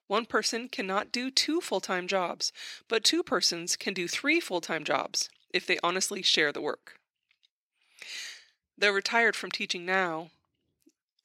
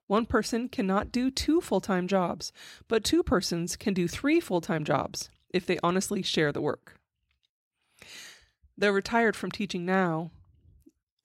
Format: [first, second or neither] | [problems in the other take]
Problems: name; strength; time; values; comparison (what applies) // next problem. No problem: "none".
second | thin; somewhat; fading below 300 Hz